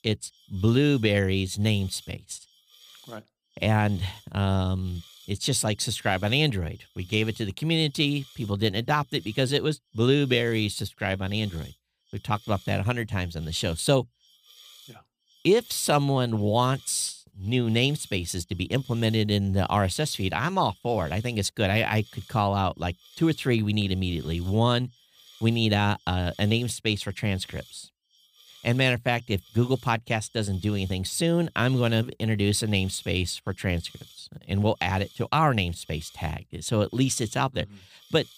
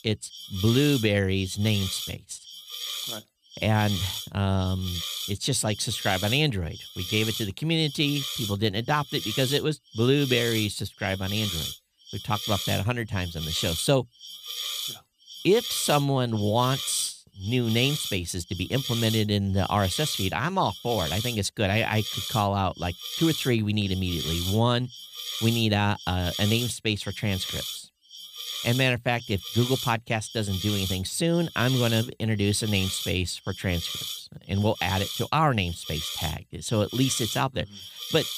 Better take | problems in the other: first | hiss; loud; throughout; 7 dB below the speech; faint in the first

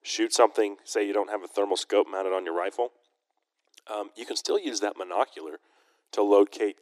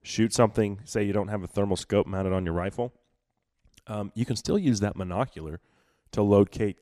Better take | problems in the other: second | thin; very; fading below 300 Hz

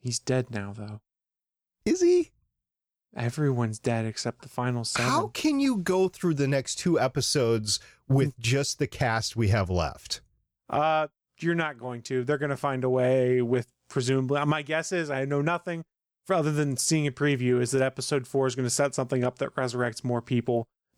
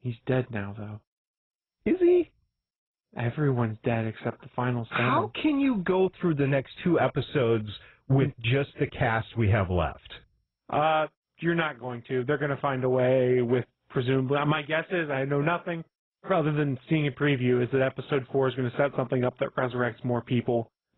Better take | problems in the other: first | garbled, watery; badly; nothing above 4 kHz

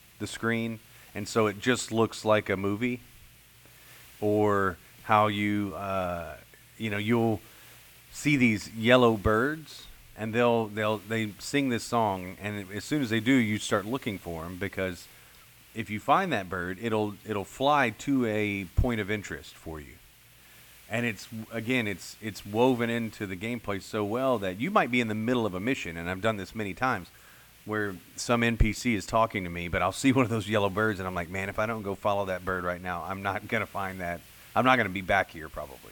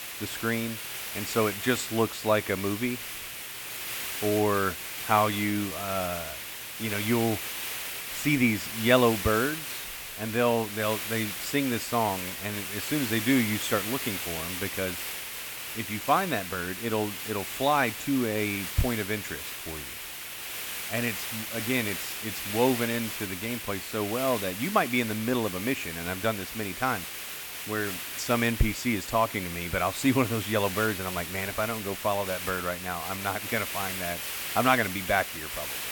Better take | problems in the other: first | hiss; loud; throughout; 5 dB below the speech; faint in the first

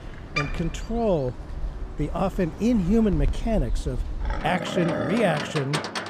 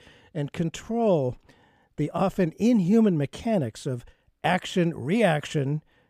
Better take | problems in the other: second | animal sounds; loud; throughout; 6 dB below the speech

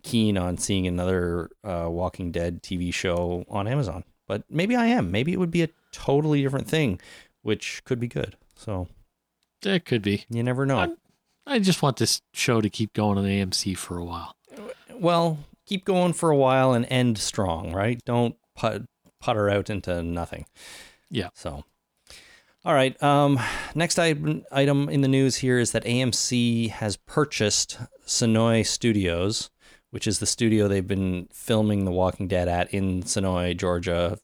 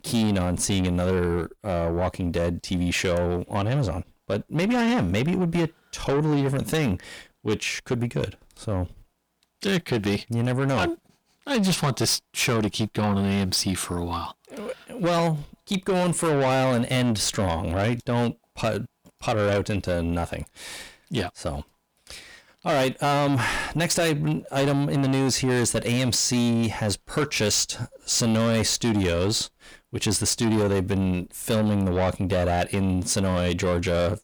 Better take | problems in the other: first | distortion; heavy; 8 dB below the speech

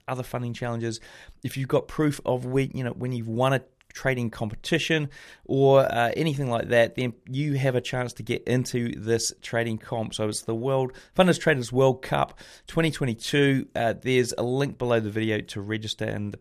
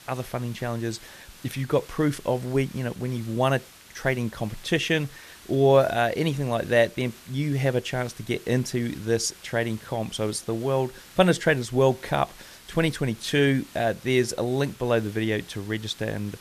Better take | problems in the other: first | hiss; faint; throughout; 20 dB below the speech

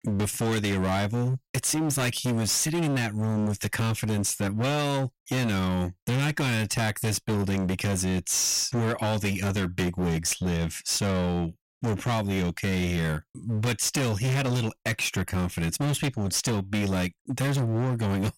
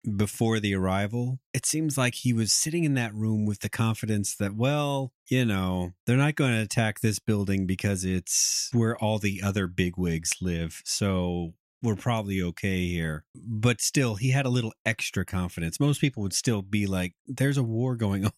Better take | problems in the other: second | distortion; heavy; 31% of the sound clipped

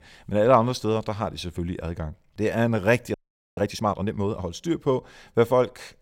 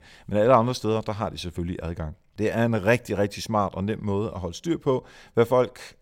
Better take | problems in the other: second | audio freezing; at 3 s

